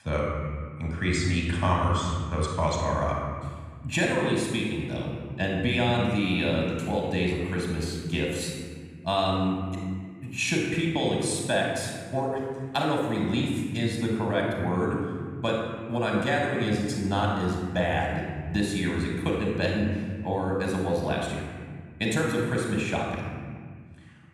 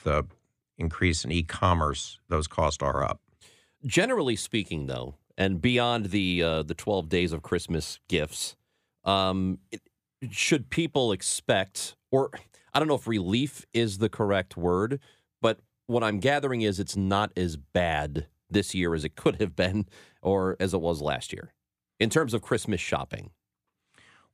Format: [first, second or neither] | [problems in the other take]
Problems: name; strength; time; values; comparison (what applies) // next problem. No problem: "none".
second | off-mic speech; somewhat distant // room echo; noticeable; dies away in 1.9 s